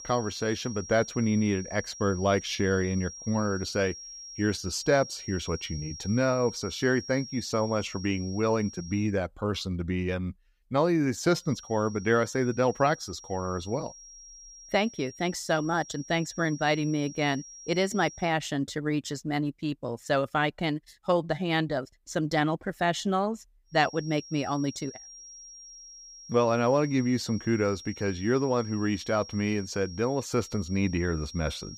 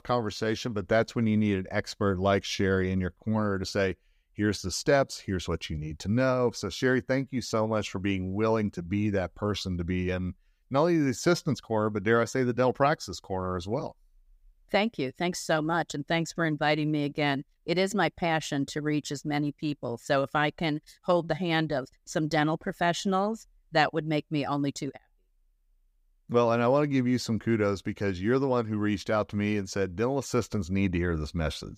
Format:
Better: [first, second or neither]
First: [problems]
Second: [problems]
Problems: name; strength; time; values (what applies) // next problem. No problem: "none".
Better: second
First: high-pitched whine; noticeable; until 9 s, from 11 to 18 s and from 24 s on; 5.5 kHz, 15 dB below the speech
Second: none